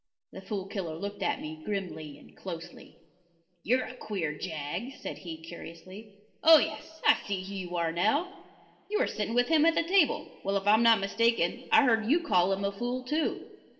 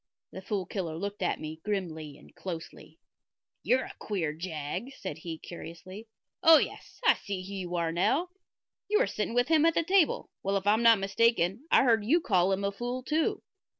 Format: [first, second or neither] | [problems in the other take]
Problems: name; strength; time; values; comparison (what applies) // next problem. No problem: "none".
second | room echo; dies away in 2.6 s